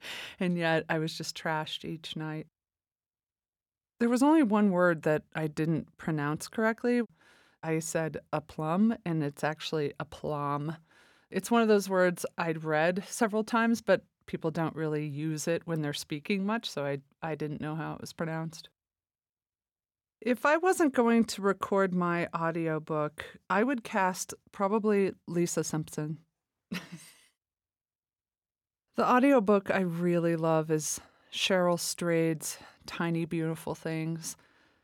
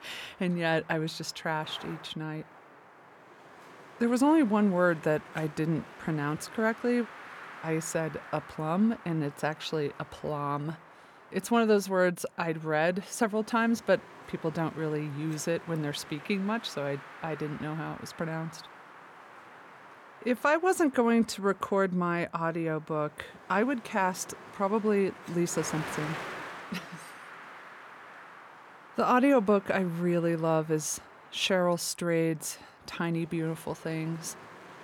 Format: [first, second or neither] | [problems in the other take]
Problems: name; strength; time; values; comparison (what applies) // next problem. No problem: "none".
first | wind noise on the microphone; occasional gusts; 15 dB below the speech